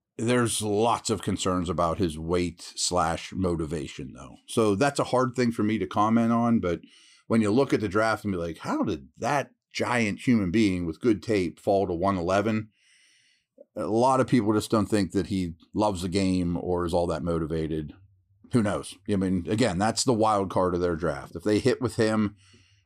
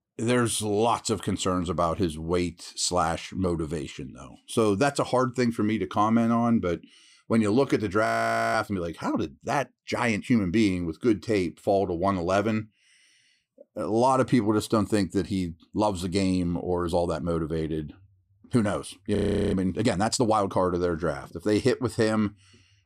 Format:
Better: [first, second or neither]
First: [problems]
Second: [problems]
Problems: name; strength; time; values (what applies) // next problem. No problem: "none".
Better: first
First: none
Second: audio freezing; at 8 s and at 19 s